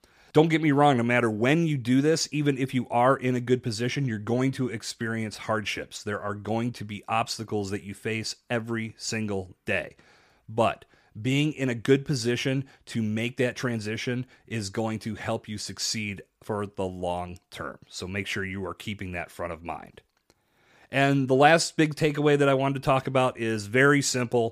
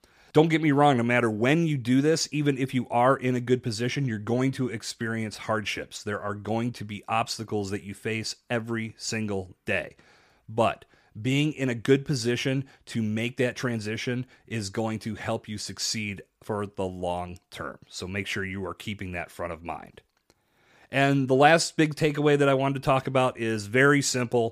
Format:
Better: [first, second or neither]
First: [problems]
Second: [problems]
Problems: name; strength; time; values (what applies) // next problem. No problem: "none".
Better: neither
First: none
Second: none